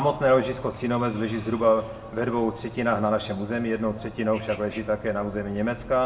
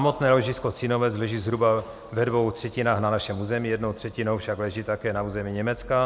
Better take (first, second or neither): second